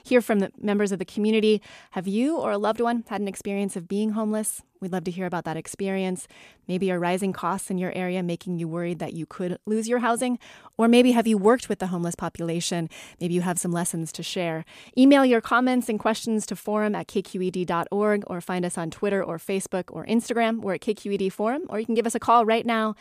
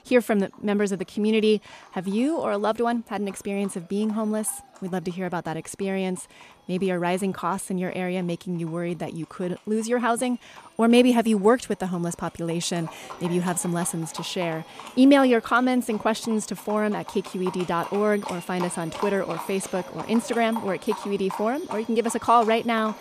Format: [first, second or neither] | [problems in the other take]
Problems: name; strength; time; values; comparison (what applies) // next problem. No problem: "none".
first | animal sounds; noticeable; throughout; 15 dB below the speech